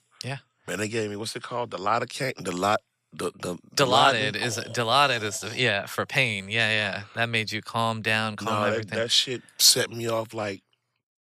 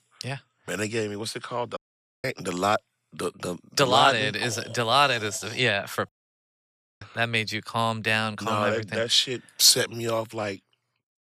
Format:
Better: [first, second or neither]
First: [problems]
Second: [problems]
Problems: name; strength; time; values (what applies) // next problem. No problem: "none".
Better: first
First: none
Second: audio cutting out; at 2 s and at 6 s for 1 s